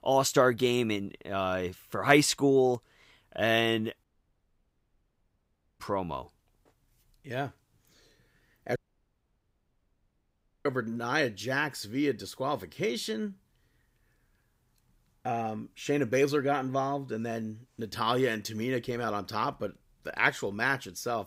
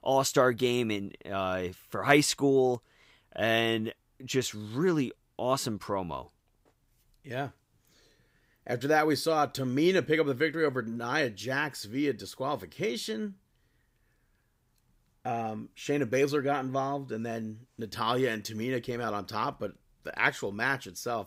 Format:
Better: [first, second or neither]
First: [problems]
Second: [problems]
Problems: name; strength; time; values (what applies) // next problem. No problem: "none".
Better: second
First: audio cutting out; at 4 s for 2 s and at 9 s for 2 s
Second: none